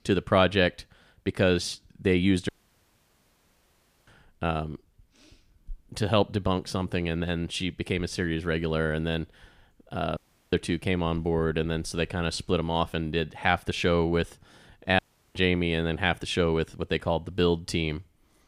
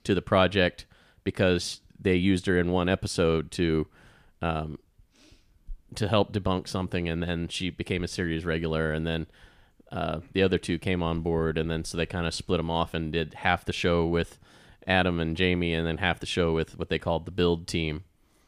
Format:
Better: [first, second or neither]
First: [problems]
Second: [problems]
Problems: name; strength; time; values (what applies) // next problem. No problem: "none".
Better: second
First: audio cutting out; at 2.5 s for 1.5 s, at 10 s and at 15 s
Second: none